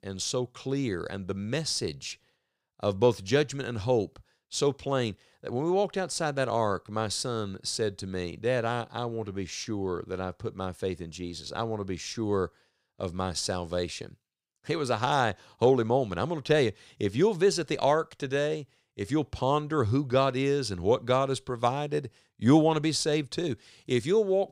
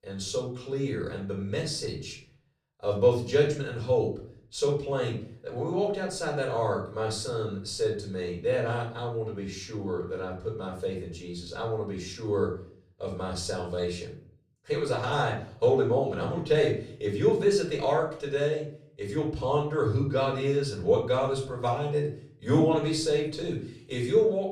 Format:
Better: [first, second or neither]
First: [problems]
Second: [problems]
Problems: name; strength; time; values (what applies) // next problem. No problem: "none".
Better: first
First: none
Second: room echo; slight; dies away in 0.5 s // off-mic speech; far